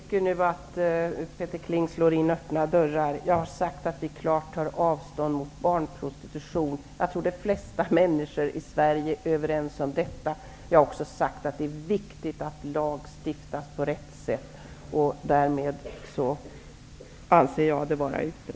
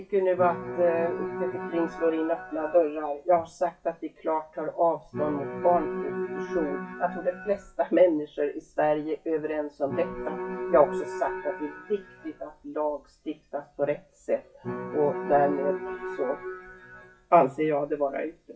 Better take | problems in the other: first | noise reduction (classical method WPE with log-MMSE)

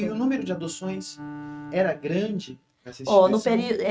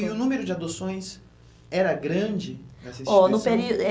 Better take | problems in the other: second | noise reduction (neural mask model RNNoise)

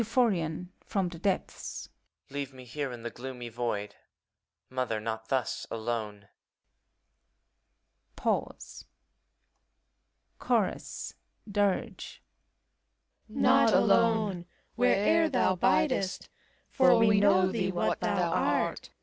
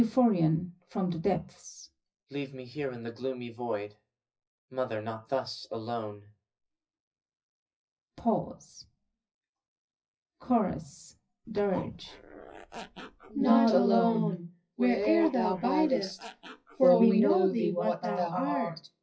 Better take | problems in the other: first | noise reduction (classical method WPE with log-MMSE)

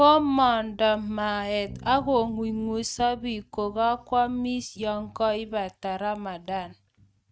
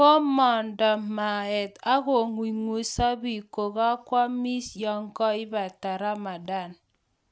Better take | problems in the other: second | noise reduction (neural mask model RNNoise)

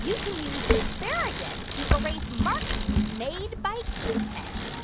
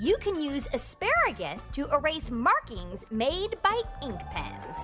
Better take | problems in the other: second | background sound (Bicycle); 5 dB above the speech

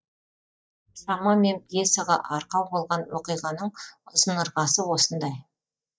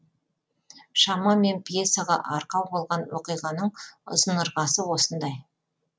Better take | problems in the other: second | noise reduction (neural mask model DeepFilterNet 3)

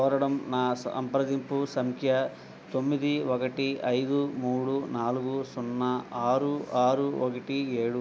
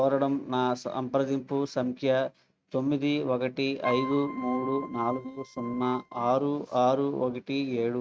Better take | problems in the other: first | noise reduction (neural mask model RNNoise)

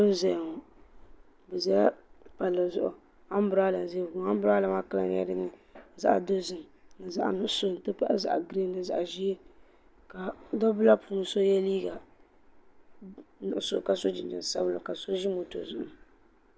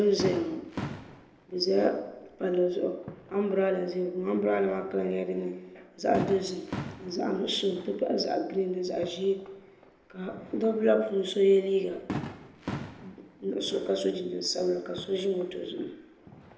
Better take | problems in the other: first | background sound (Fireworks); 14 dB below the speech // room echo; dies away in 0.7 s

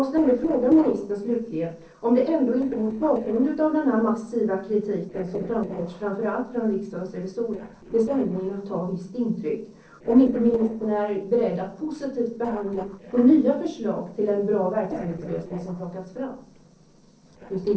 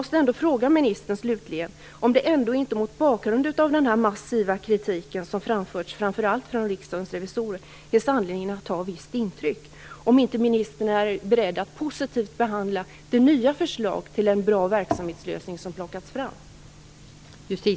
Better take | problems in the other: second | noise reduction (neural separator model SepFormer DNS4)

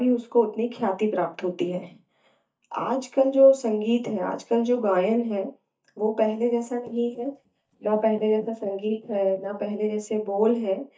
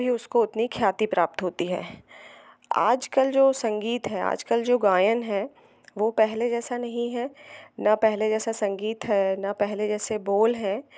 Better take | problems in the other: second | noise reduction (neural mask model DeepFilterNet 3)

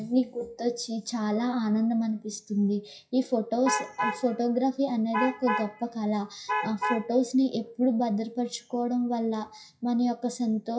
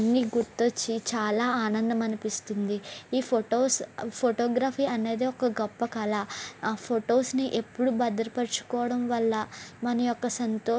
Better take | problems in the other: second | noise reduction (classical method WPE with log-MMSE)

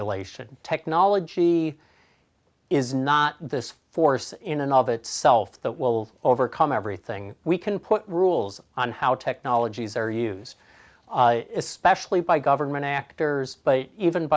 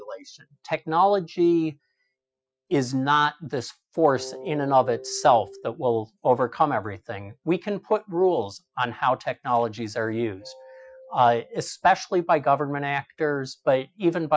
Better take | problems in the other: first | noise reduction (classical method Wiener filter)

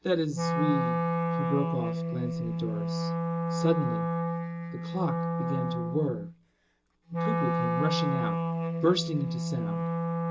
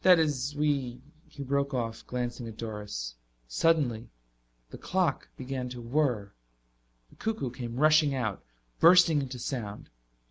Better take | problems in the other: second | background sound (Wind instrument, woodwind instrument); 3 dB above the speech // room echo; dies away in 0.2 s

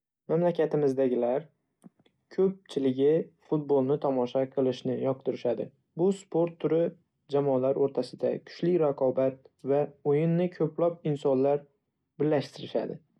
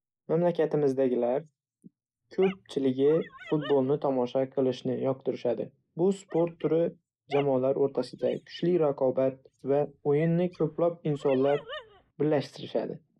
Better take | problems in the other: first | noise reduction (neural mask model Resemble Enhance denoiser)

